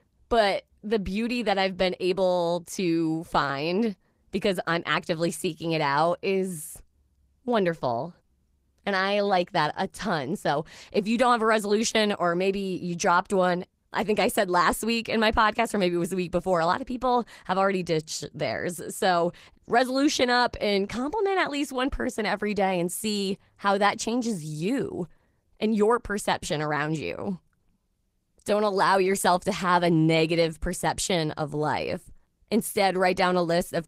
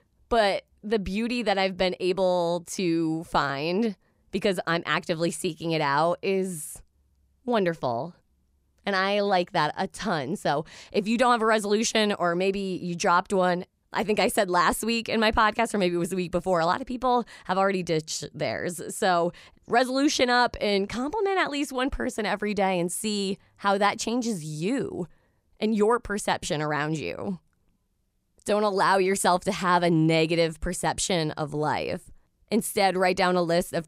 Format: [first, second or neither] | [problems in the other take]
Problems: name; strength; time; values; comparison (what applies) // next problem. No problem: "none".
second | garbled, watery; slightly; nothing above 15.5 kHz